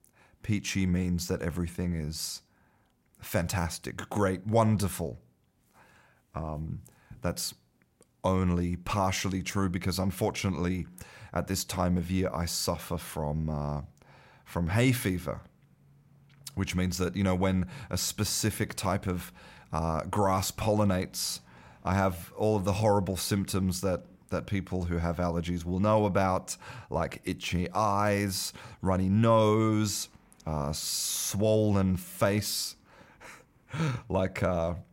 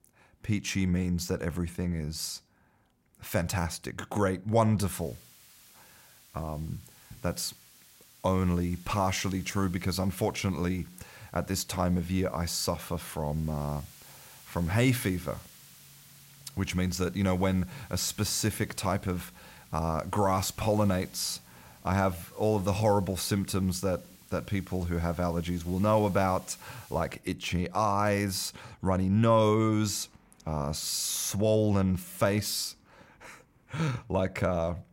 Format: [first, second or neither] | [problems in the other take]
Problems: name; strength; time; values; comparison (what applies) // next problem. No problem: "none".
first | hiss; faint; from 5 to 27 s; 25 dB below the speech